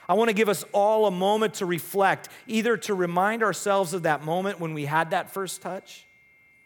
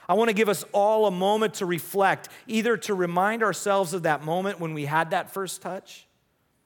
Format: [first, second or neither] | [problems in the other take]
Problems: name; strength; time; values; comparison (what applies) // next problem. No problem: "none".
second | high-pitched whine; faint; throughout; 2 kHz, 30 dB below the speech